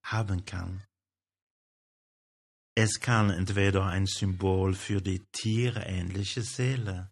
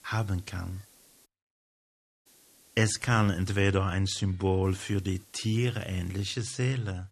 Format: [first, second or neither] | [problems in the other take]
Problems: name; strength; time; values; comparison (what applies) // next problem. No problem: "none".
first | hiss; faint; until 1.5 s, from 2.5 to 3.5 s and from 4.5 to 6.5 s; 25 dB below the speech